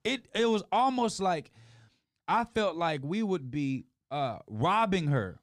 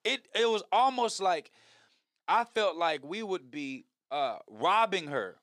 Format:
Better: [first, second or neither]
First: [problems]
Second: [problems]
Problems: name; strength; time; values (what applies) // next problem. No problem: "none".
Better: first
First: none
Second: thin; somewhat; fading below 450 Hz